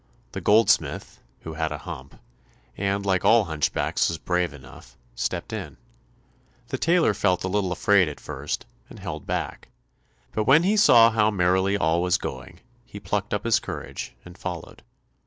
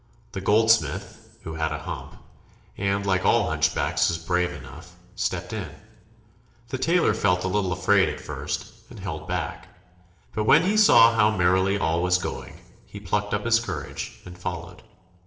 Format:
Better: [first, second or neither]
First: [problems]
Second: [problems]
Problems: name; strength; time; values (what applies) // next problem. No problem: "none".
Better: first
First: none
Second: room echo; dies away in 1 s